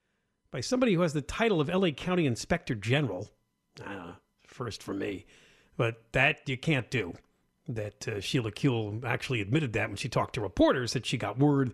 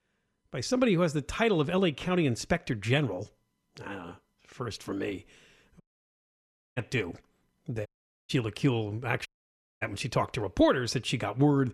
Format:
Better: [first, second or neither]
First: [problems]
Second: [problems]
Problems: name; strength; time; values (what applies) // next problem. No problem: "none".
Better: first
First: none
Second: audio cutting out; at 6 s for 1 s, at 8 s and at 9.5 s for 0.5 s